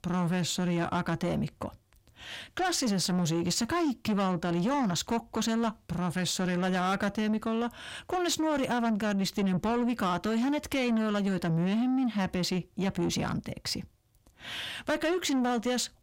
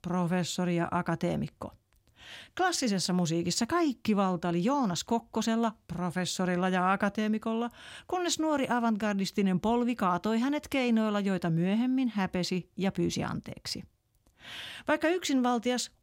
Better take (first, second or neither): second